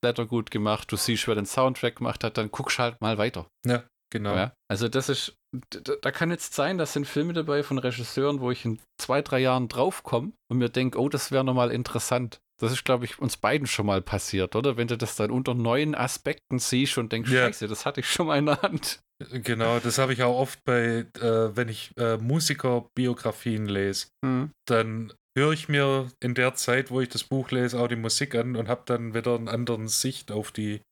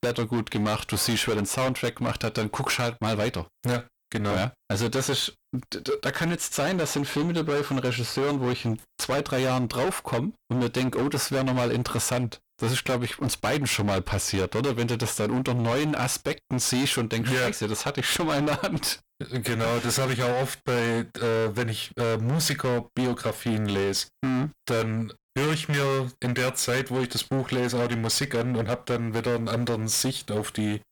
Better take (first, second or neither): first